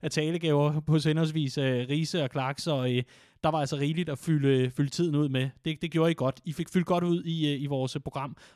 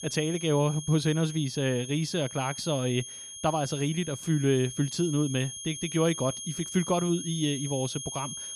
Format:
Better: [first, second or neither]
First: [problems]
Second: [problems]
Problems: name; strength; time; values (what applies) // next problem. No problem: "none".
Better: first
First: none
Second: high-pitched whine; loud; throughout; 6.5 kHz, 9 dB below the speech